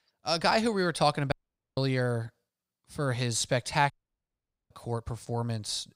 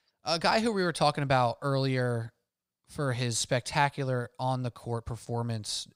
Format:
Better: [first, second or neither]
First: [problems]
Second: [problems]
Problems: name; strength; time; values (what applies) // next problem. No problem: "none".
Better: second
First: audio cutting out; at 1.5 s and at 4 s for 1 s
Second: none